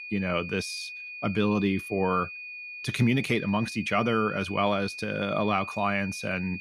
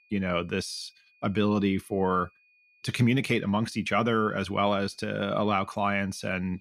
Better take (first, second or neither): second